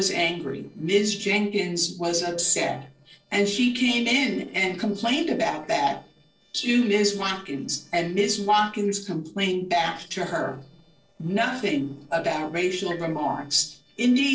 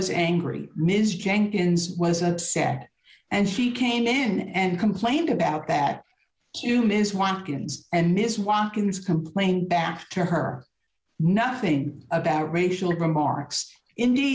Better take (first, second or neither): second